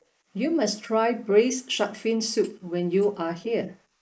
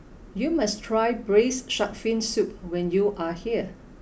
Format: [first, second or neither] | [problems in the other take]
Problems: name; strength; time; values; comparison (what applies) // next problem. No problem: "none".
second | noise reduction (neural mask model Resemble Enhance denoiser)